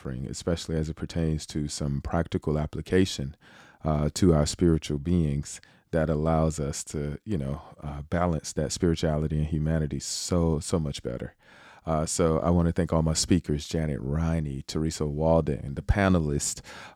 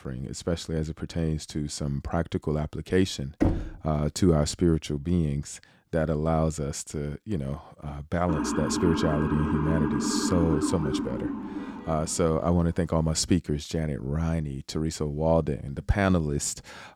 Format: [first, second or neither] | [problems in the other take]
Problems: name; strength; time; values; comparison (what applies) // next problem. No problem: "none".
first | door banging; loud; at 3.5 s; peak 1 dB above the speech // siren; loud; from 8.5 to 12 s; peak level with the speech